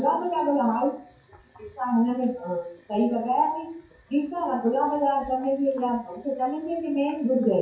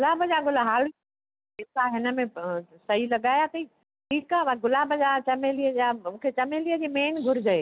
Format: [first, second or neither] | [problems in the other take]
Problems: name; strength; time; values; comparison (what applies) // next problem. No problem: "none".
second | noise reduction (classical method WPE with log-MMSE)